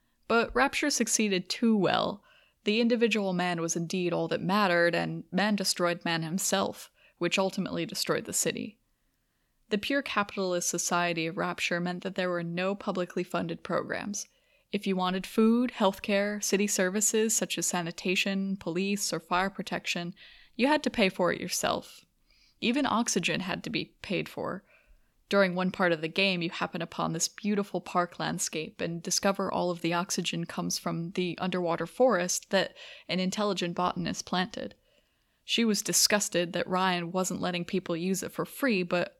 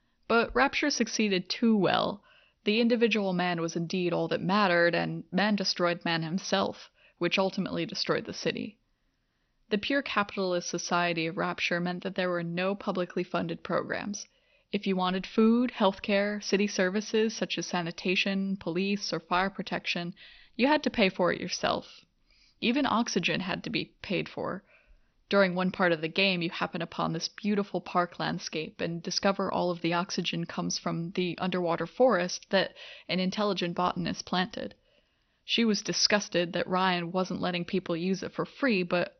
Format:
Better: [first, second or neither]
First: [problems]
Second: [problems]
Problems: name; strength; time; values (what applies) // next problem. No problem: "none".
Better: first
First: none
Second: garbled, watery; slightly; nothing above 6 kHz